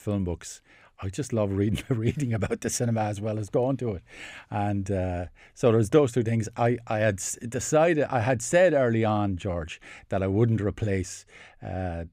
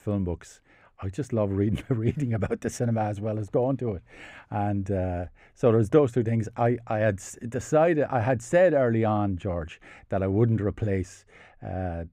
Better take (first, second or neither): first